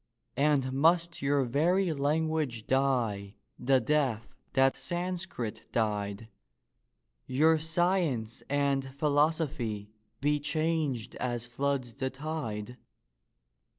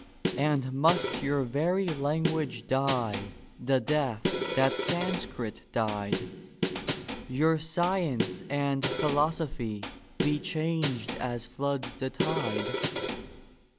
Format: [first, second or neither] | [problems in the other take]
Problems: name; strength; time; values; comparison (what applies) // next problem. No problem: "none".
first | background sound (Snare drum); 5 dB below the speech